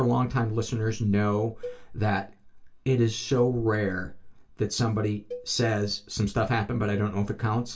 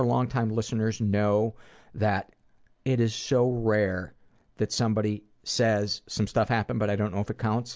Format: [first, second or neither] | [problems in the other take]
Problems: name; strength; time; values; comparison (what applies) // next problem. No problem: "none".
second | background sound (Cowbell); 19 dB below the speech // room echo; dies away in 0.2 s